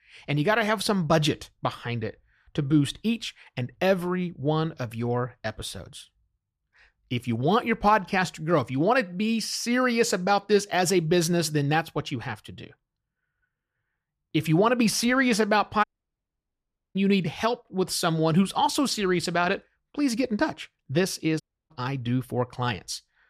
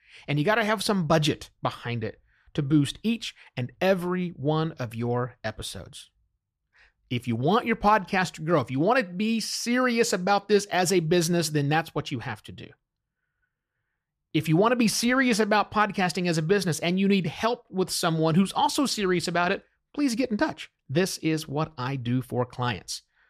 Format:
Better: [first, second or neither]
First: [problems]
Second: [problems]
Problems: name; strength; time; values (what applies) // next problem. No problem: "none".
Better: second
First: audio cutting out; at 16 s for 1 s and at 21 s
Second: none